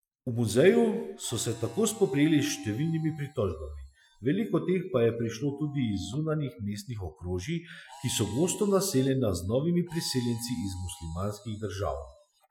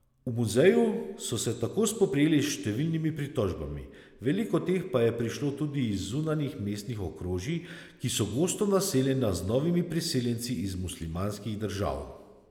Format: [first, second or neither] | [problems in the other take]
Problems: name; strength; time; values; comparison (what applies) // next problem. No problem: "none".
second | noise reduction (classical method Wiener filter)